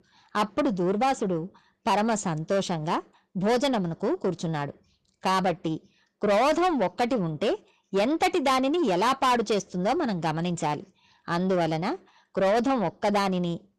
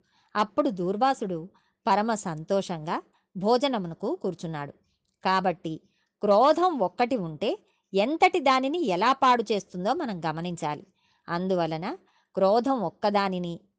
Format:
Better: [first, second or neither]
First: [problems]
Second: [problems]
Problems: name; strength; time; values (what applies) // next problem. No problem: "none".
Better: second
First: distortion; heavy; 8 dB below the speech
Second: none